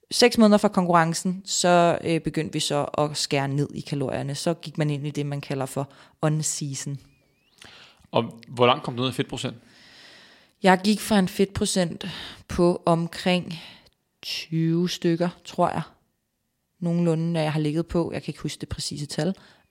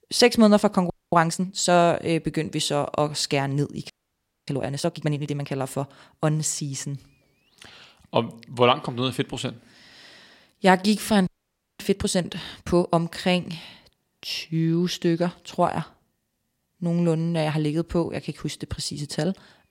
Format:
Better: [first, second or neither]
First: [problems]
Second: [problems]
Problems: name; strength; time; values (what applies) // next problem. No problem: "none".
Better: first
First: none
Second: audio freezing; at 1 s, at 4 s for 0.5 s and at 11 s for 0.5 s